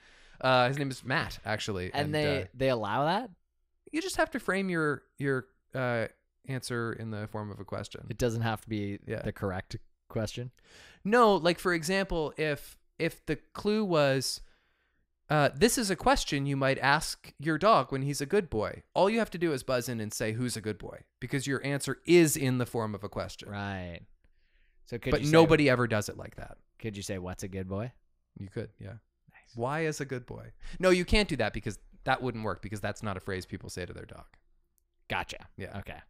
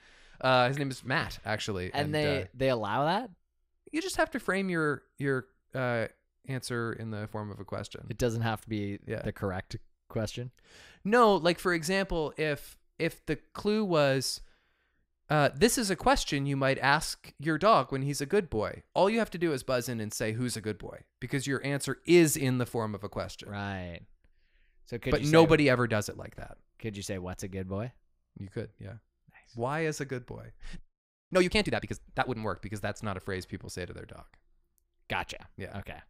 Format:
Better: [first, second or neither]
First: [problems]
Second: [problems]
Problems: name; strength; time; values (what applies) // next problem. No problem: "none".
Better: first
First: none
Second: audio freezing; at 31 s for 0.5 s